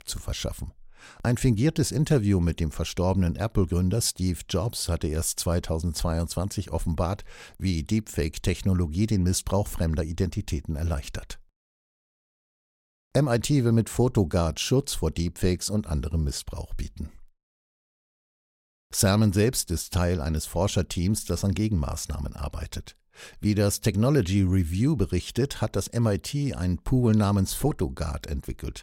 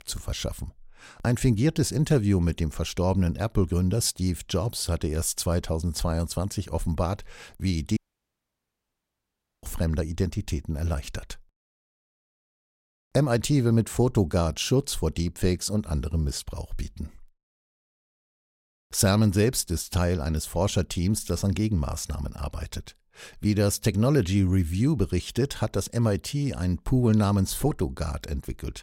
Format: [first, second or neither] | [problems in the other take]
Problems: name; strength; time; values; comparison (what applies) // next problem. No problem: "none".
first | audio cutting out; at 8 s for 1.5 s